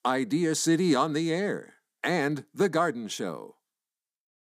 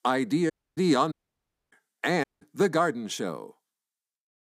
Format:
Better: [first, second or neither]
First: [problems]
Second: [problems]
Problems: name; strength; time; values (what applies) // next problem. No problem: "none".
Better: first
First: none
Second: audio cutting out; at 0.5 s, at 1 s for 0.5 s and at 2 s